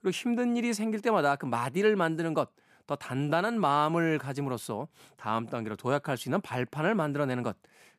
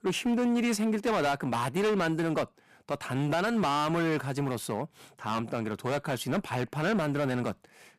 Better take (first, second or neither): first